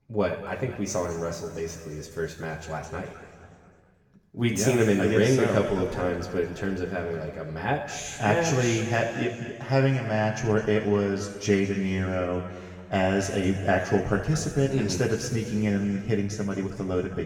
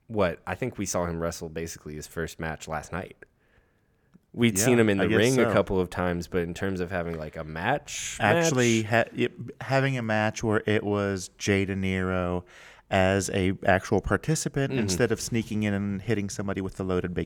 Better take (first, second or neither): second